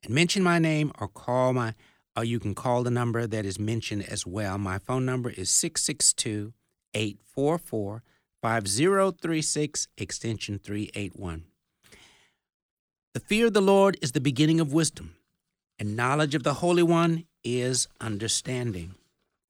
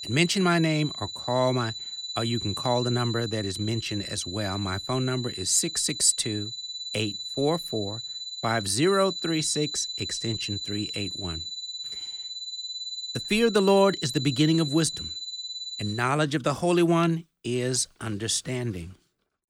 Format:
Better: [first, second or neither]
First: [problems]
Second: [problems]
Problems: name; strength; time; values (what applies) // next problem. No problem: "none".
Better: first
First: none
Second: high-pitched whine; loud; until 16 s; 4 kHz, 7 dB below the speech